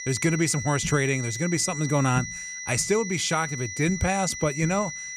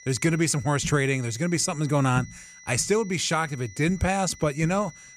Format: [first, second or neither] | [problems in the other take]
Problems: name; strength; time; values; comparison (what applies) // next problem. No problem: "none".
second | high-pitched whine; loud; throughout; 2 kHz, 8 dB below the speech; faint in the second